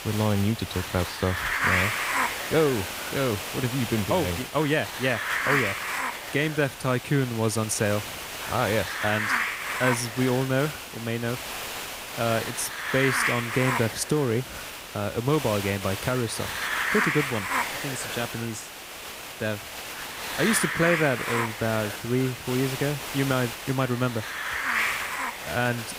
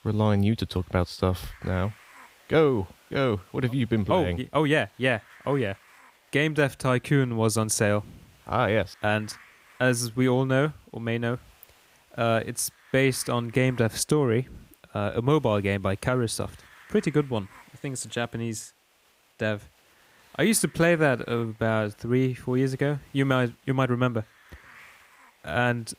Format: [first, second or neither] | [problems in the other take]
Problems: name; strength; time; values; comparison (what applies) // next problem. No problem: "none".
second | hiss; loud; throughout; 2 dB below the speech; faint in the second